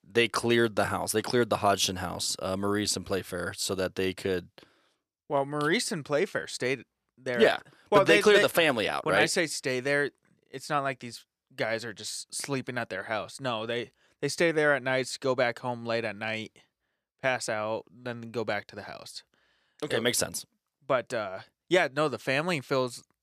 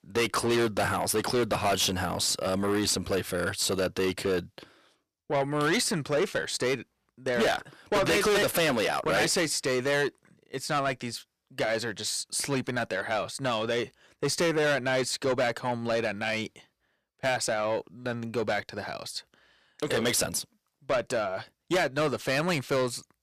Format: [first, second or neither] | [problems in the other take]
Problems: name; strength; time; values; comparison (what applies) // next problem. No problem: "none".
first | distortion; heavy; 6 dB below the speech